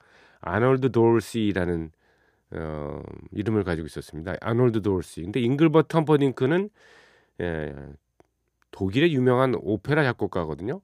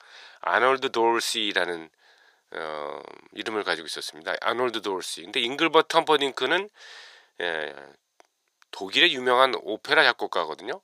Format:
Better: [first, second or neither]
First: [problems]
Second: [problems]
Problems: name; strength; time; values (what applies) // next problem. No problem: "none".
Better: first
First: none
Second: thin; very; fading below 750 Hz